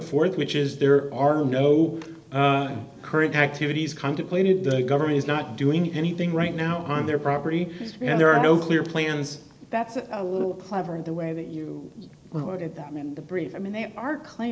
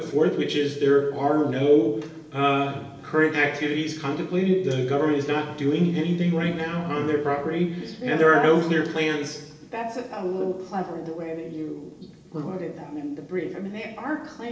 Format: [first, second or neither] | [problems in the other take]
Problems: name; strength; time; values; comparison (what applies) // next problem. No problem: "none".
first | room echo; dies away in 1.1 s